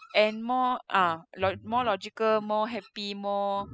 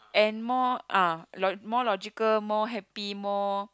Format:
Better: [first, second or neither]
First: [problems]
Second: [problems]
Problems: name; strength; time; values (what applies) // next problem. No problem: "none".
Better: second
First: noise reduction (classical method spectral subtraction)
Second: none